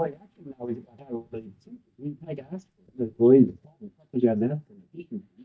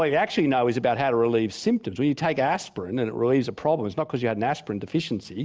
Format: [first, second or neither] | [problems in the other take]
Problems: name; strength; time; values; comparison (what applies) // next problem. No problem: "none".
second | noise reduction (neural mask model DeepFilterNet 3)